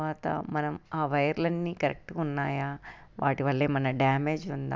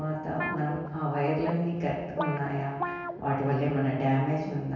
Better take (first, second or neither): first